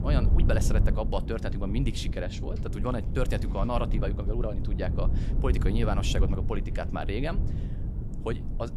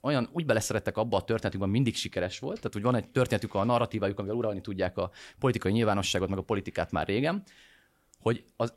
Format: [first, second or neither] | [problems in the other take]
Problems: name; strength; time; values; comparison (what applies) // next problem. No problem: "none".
second | low rumble; loud; throughout; 9 dB below the speech